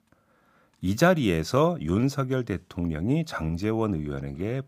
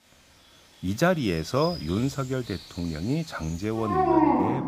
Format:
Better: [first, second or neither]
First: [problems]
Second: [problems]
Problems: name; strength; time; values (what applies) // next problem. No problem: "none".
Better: first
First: none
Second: animal sounds; very loud; throughout; 3 dB above the speech